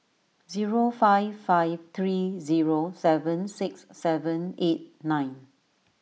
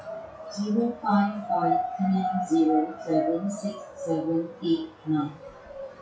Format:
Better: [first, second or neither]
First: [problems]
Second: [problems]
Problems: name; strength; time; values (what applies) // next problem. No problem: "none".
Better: first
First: none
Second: noise reduction (classical method WPE with log-MMSE)